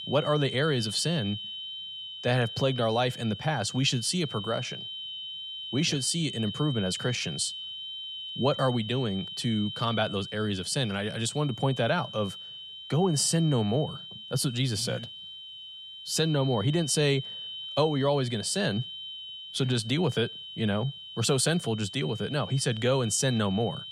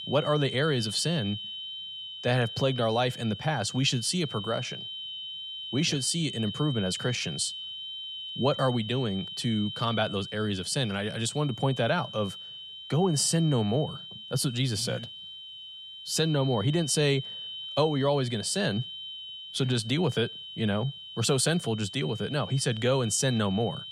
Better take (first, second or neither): neither